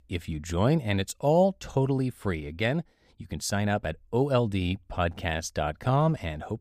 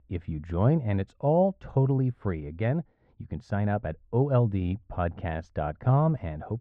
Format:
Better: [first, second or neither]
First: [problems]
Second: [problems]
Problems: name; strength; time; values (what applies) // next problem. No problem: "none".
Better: first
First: none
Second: muffled; very; fading above 1.5 kHz